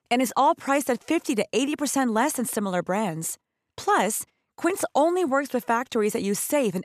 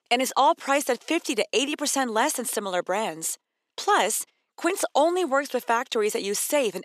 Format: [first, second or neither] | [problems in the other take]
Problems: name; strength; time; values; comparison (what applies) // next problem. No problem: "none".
first | thin; very slightly; fading below 400 Hz